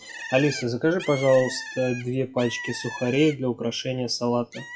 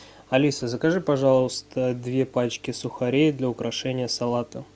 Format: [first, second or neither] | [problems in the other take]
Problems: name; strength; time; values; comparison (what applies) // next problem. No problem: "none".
second | noise reduction (classical method WPE with log-MMSE)